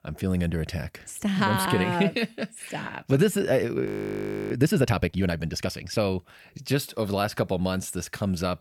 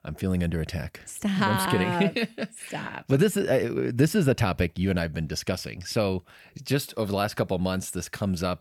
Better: second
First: audio freezing; at 4 s for 0.5 s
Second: none

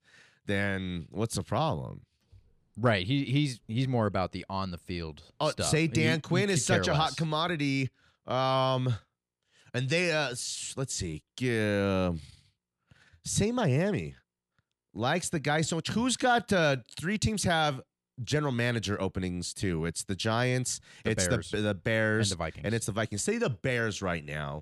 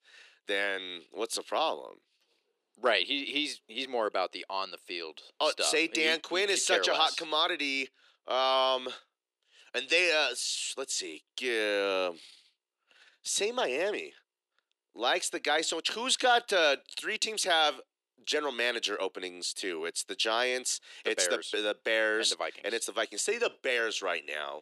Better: first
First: none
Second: thin; very; fading below 350 Hz

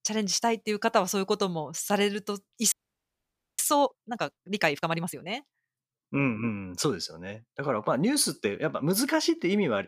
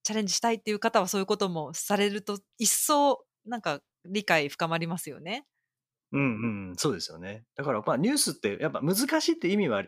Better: second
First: audio freezing; at 2.5 s for 1 s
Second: none

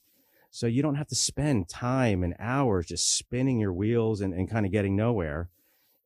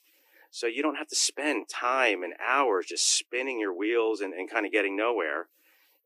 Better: first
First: none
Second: thin; very; fading below 300 Hz

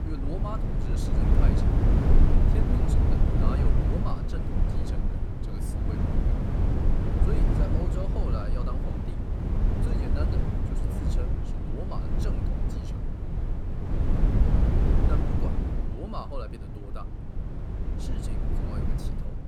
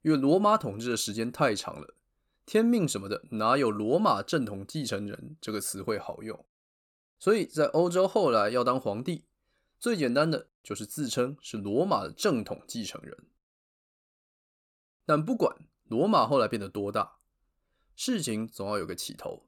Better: second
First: wind noise on the microphone; heavy; 4 dB above the speech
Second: none

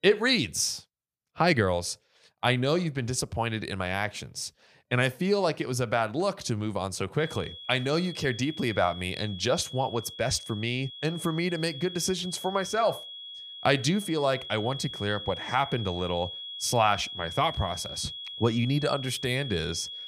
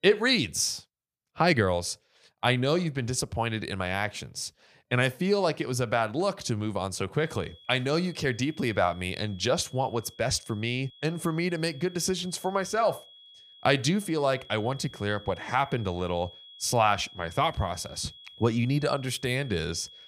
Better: second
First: high-pitched whine; loud; from 7 s on; 3.5 kHz, 10 dB below the speech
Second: high-pitched whine; faint; from 7 s on; 3.5 kHz, 20 dB below the speech

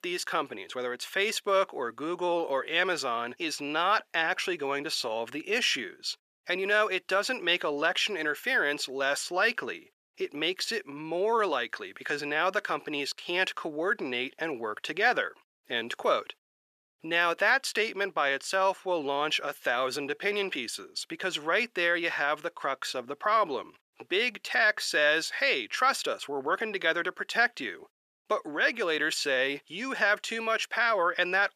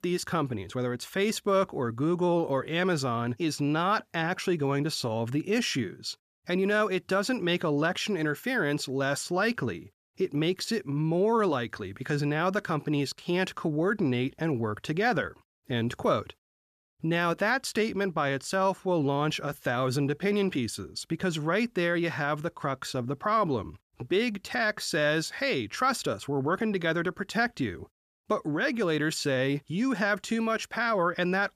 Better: second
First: thin; somewhat; fading below 500 Hz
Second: none

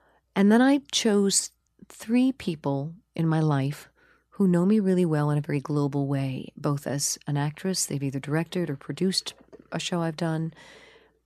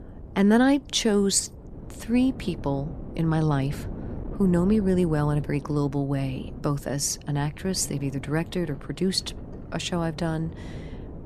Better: first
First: none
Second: wind noise on the microphone; occasional gusts; 15 dB below the speech

